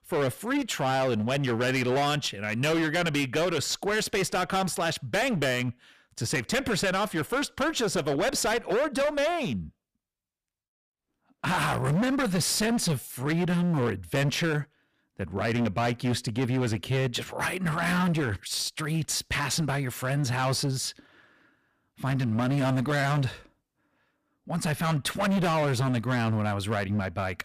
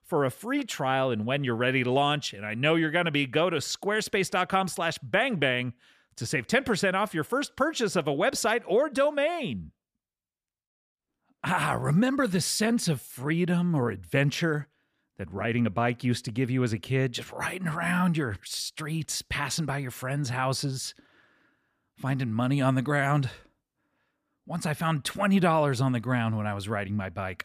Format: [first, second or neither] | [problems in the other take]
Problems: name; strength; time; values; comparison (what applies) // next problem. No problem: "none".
second | distortion; heavy; 20% of the sound clipped